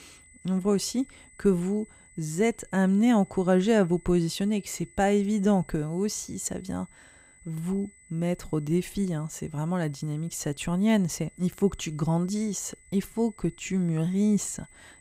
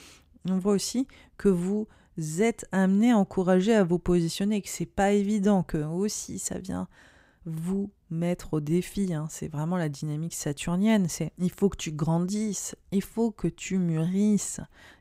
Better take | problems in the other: second | high-pitched whine; faint; throughout; 2 kHz, 25 dB below the speech

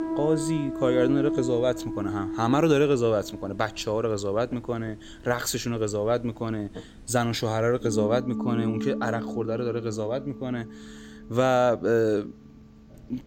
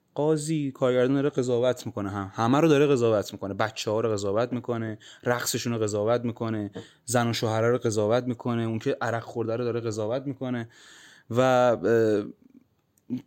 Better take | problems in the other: second | background music; loud; throughout; 6 dB below the speech

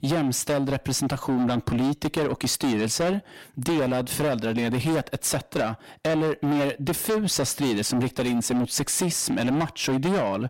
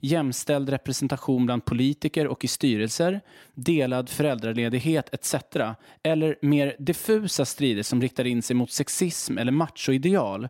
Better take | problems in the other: second | distortion; heavy; 6 dB below the speech

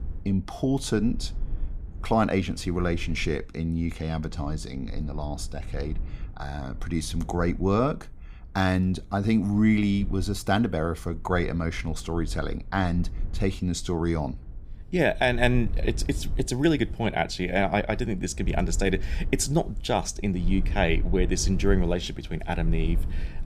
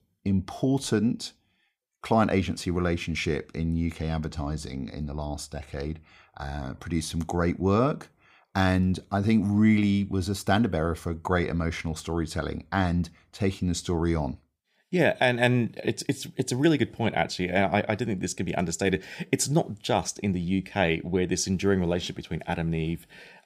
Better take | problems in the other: second | low rumble; faint; throughout; 25 dB below the speech

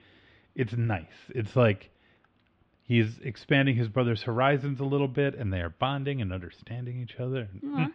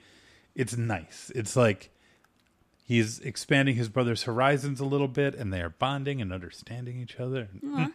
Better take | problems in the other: second | muffled; slightly; fading above 3.5 kHz

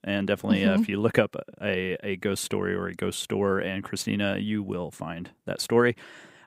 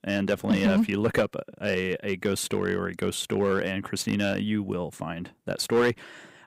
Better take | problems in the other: first | distortion; slight; 3% of the sound clipped

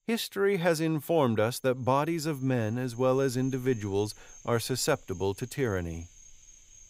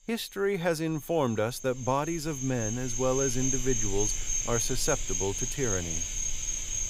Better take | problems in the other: first | animal sounds; loud; throughout; as loud as the speech; faint in the first

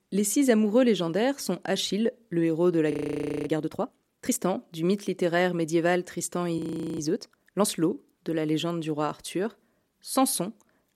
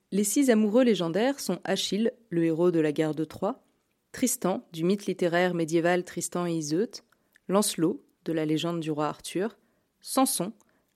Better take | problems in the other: second | audio freezing; at 3 s for 0.5 s and at 6.5 s

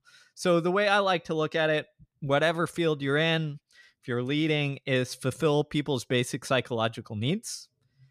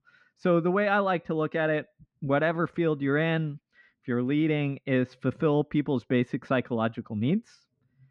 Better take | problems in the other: first | muffled; very; fading above 2 kHz

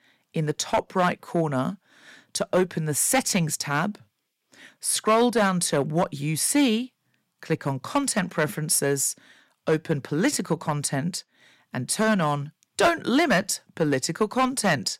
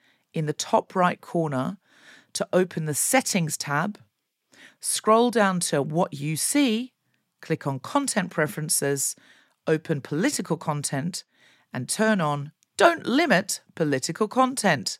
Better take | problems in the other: second | distortion; slight; 2% of the sound clipped

